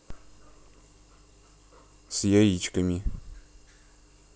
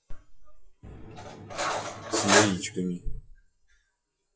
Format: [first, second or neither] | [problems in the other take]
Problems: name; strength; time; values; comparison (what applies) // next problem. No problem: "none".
first | noise reduction (classical method WPE with log-MMSE)